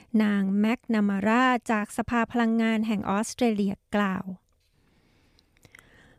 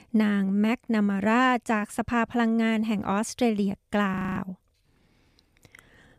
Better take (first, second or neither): first